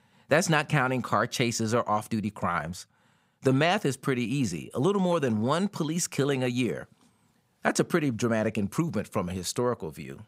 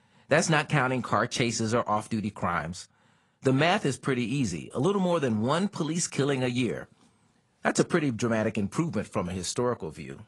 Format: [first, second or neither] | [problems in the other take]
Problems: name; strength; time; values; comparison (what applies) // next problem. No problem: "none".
first | garbled, watery; slightly